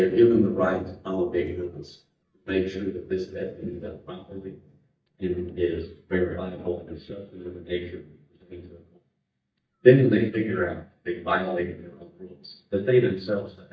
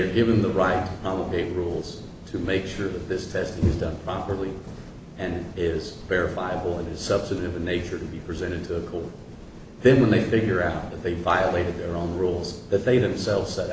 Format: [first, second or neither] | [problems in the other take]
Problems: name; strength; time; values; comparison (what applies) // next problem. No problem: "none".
second | noise reduction (neural mask model DeepFilterNet 3)